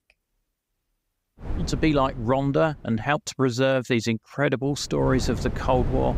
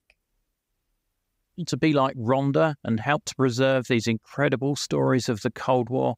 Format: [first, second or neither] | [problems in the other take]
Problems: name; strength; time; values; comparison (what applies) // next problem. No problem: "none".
second | wind noise on the microphone; occasional gusts; from 1.5 to 3 s and from 4.5 s on; 15 dB below the speech